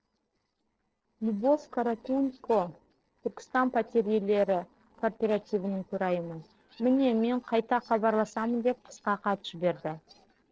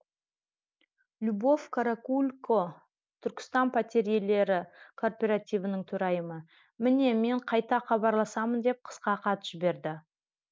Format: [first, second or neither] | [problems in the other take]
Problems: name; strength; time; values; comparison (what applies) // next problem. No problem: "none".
second | noise reduction (neural separator model SepFormer DNS4)